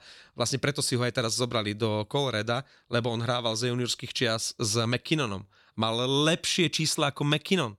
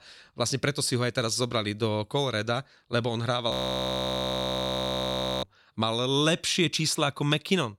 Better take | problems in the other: first | audio freezing; at 3.5 s for 2 s

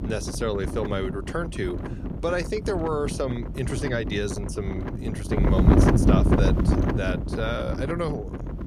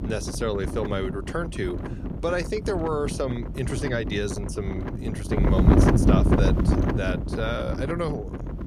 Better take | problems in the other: neither | wind noise on the microphone; heavy; 2 dB below the speech; the same in both

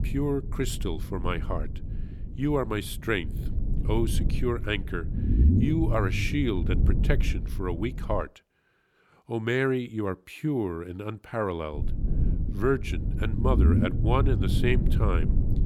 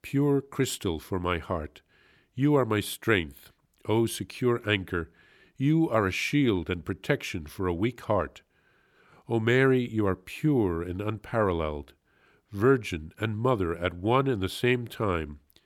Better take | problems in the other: second | low rumble; loud; until 8 s and from 12 s on; 9 dB below the speech

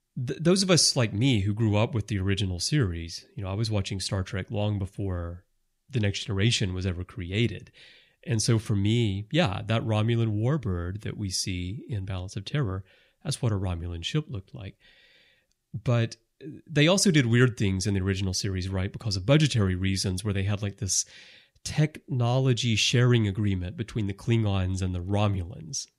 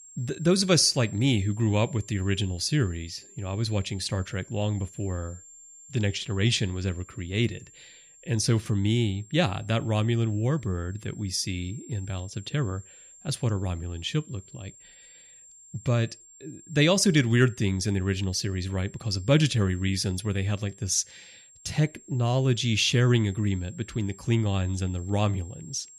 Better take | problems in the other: first | high-pitched whine; faint; throughout; 7.5 kHz, 20 dB below the speech

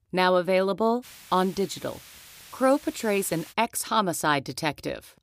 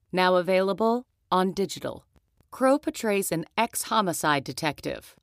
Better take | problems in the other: second | hiss; noticeable; from 1 to 3.5 s; 20 dB below the speech

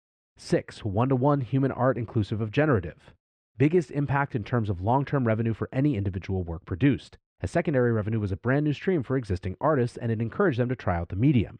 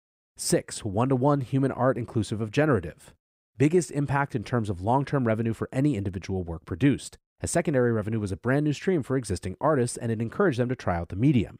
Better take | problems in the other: second | muffled; slightly; fading above 3 kHz

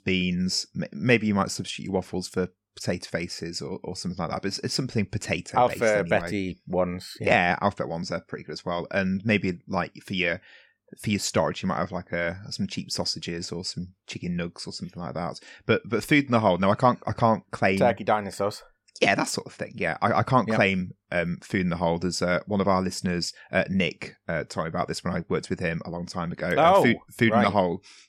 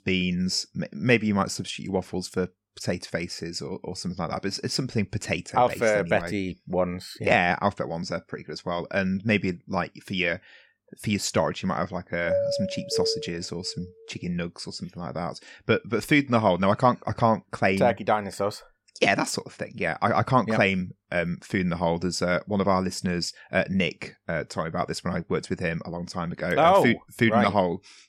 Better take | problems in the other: first | doorbell; noticeable; from 12 to 13 s; peak level with the speech

